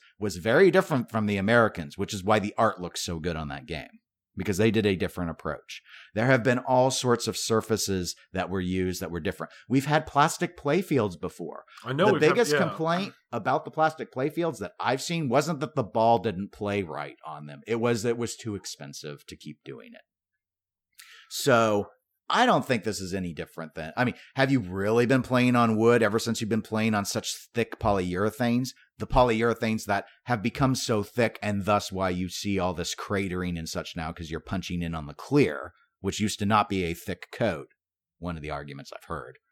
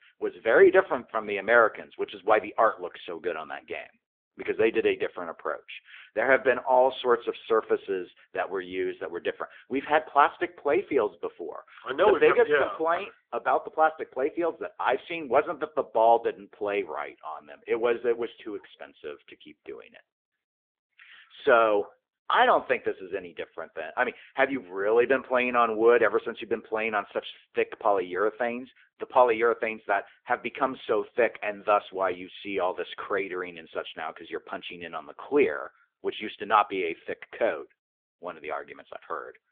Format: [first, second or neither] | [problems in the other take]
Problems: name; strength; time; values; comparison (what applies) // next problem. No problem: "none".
first | phone-call audio; nothing above 3.5 kHz